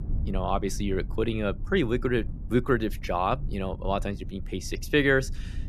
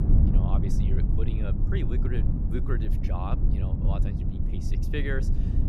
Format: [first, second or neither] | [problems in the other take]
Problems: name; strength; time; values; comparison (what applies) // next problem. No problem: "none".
first | low rumble; loud; throughout; 2 dB below the speech; faint in the first